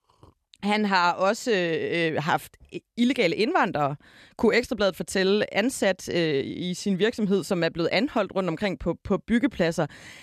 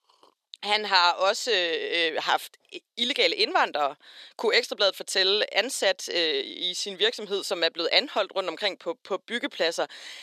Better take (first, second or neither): first